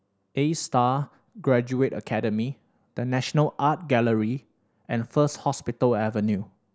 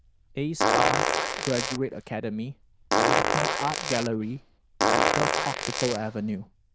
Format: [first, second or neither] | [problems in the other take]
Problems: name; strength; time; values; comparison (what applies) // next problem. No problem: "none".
first | noise reduction (neural diffusion model UNIVERSE++)